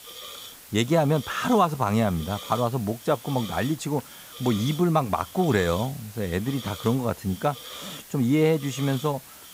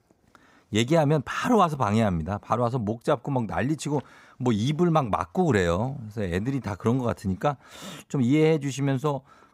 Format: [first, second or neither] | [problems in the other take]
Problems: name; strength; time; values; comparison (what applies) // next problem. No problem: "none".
second | hiss; noticeable; throughout; 15 dB below the speech